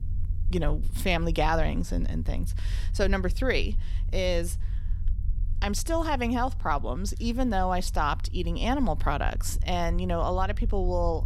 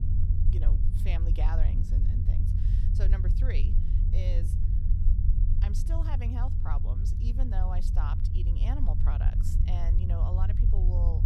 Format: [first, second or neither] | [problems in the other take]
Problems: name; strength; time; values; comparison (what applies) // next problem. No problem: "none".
first | low rumble; loud; throughout; 2 dB below the speech; faint in the first